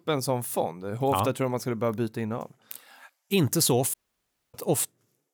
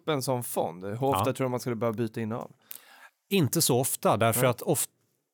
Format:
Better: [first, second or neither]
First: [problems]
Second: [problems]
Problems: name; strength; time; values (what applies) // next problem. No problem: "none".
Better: second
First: audio cutting out; at 4 s for 0.5 s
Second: none